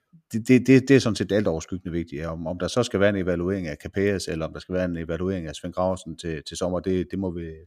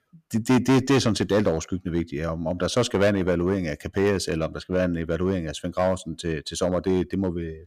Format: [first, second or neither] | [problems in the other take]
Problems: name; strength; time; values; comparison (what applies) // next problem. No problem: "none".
first | distortion; heavy; 5% of the sound clipped